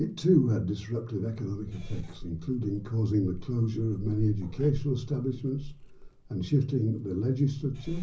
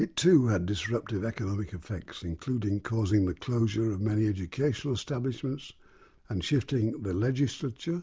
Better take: second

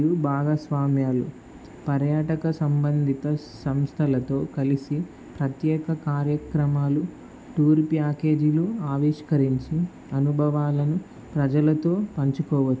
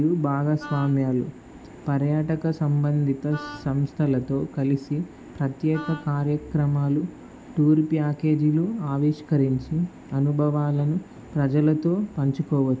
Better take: first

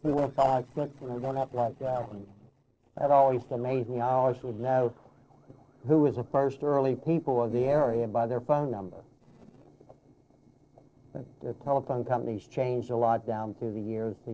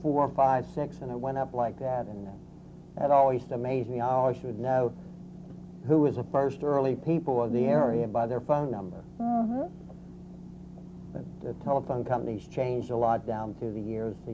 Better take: second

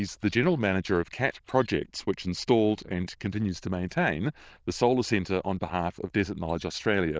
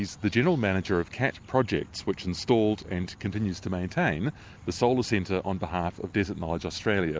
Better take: second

